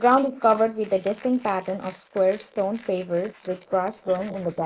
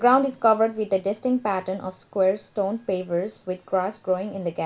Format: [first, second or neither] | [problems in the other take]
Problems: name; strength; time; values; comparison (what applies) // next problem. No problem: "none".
second | noise reduction (neural mask model Resemble Enhance denoiser)